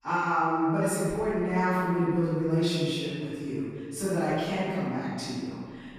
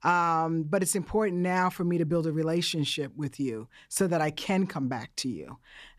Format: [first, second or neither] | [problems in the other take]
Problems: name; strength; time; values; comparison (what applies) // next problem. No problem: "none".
second | off-mic speech; far // room echo; strong; dies away in 1.8 s